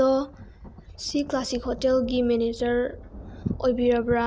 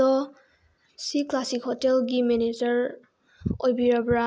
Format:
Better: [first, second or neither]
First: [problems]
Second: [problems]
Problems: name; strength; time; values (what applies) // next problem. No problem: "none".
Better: second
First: background sound (Thunder); 16 dB below the speech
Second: none